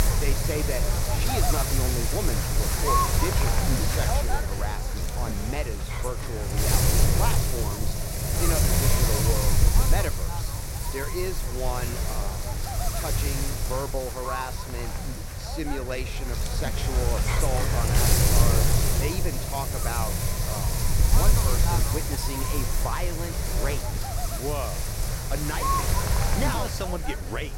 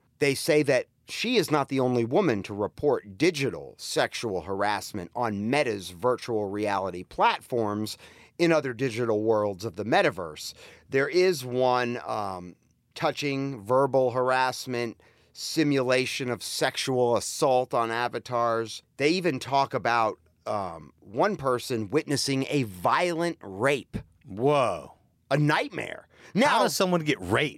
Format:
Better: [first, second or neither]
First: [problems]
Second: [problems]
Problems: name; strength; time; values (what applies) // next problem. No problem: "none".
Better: second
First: wind noise on the microphone; heavy; 4 dB above the speech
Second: none